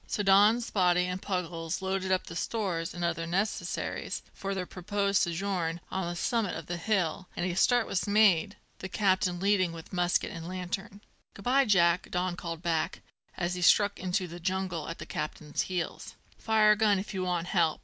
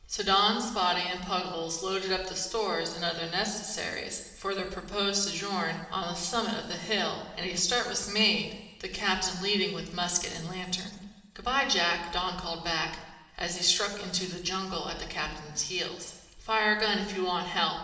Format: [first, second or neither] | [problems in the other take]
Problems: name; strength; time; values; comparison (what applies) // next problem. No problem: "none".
first | room echo; dies away in 1.2 s